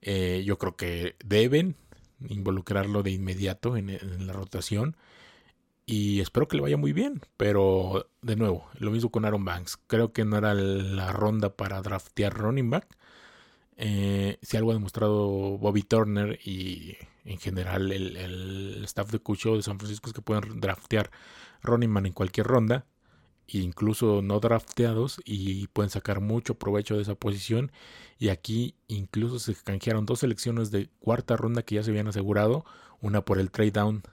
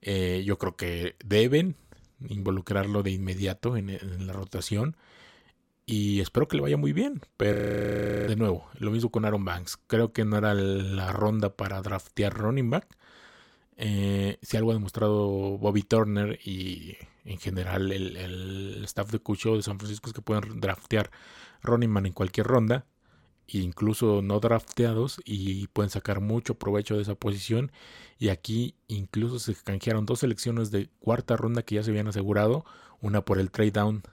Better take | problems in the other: first | audio freezing; at 7.5 s for 0.5 s

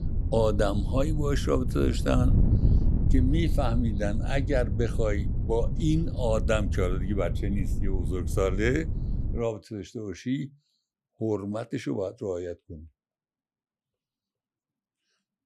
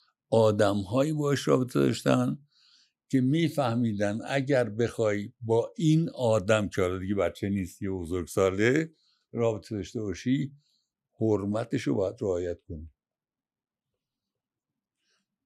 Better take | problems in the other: second | wind noise on the microphone; occasional gusts; until 9.5 s; 10 dB below the speech

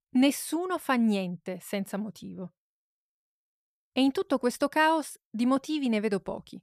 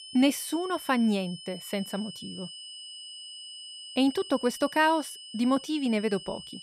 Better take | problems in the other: first | high-pitched whine; noticeable; throughout; 3 kHz, 15 dB below the speech

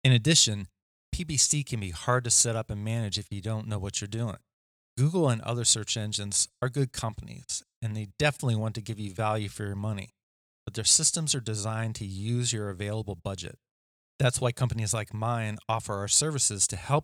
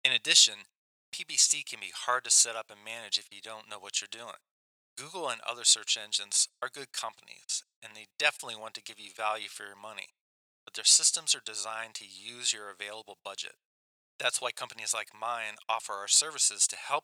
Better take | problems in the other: first | thin; very; fading below 900 Hz

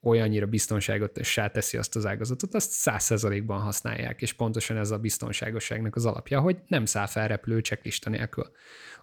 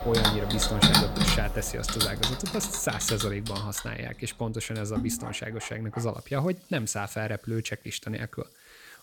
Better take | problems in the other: first | household noises; very loud; throughout; 4 dB above the speech

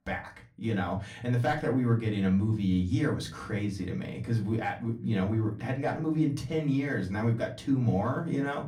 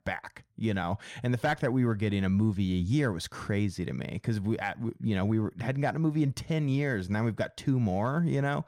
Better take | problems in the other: second | off-mic speech; far // room echo; very slight; dies away in 0.3 s

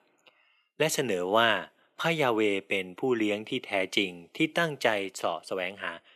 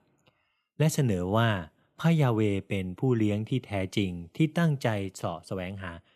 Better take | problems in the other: second | thin; somewhat; fading below 400 Hz

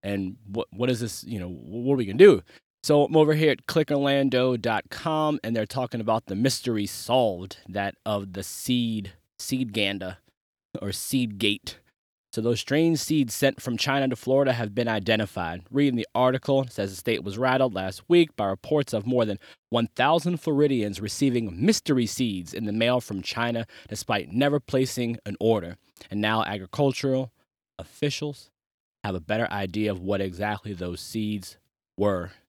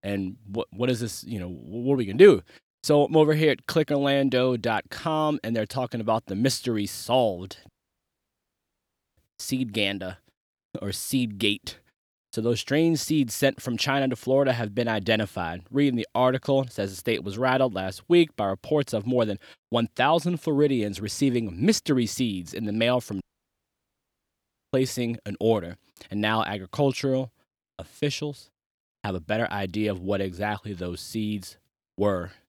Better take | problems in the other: first | audio cutting out; at 7.5 s for 1.5 s and at 23 s for 1.5 s

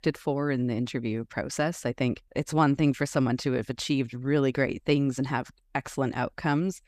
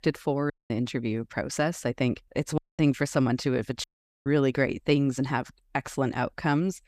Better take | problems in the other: first | audio cutting out; at 0.5 s, at 2.5 s and at 4 s

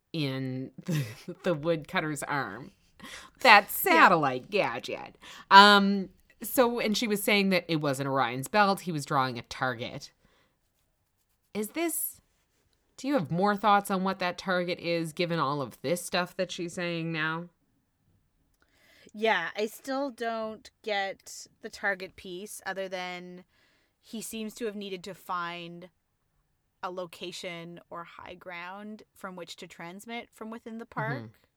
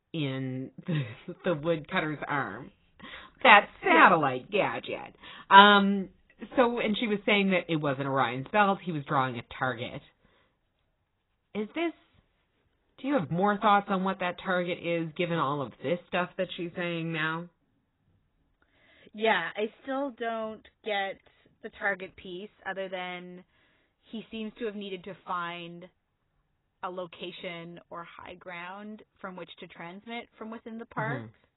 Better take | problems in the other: first | garbled, watery; badly; nothing above 4 kHz

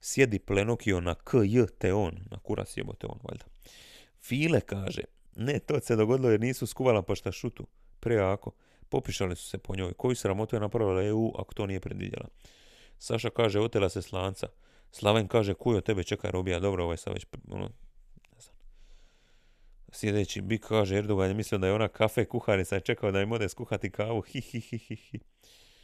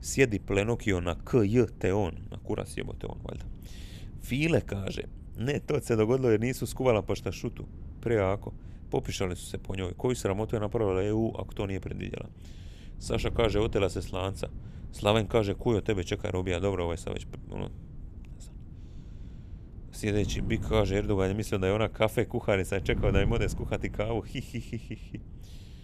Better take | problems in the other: first | wind noise on the microphone; occasional gusts; 20 dB below the speech

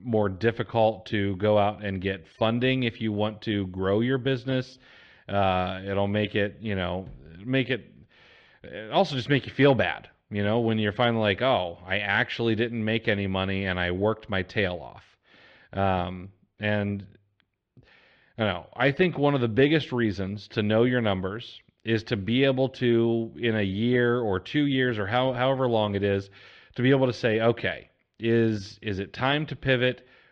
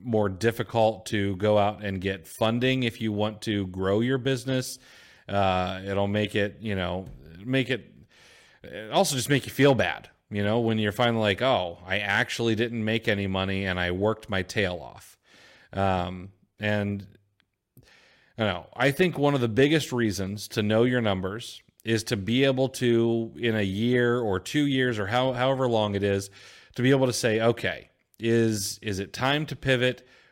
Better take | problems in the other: second | muffled; slightly; fading above 4 kHz

